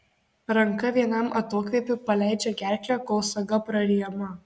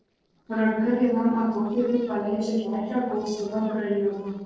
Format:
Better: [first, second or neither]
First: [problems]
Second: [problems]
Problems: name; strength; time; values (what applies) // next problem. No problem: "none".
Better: first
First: none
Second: noise reduction (neural separator model SepFormer DNS4)